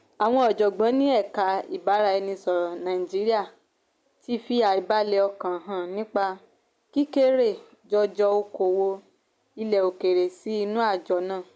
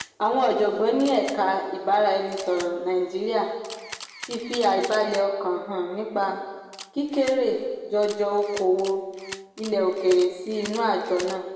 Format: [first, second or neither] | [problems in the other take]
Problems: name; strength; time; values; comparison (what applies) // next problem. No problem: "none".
first | background sound (Camera); 18 dB below the speech // room echo; dies away in 1.3 s